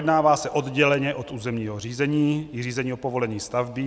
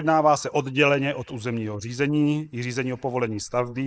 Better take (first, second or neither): first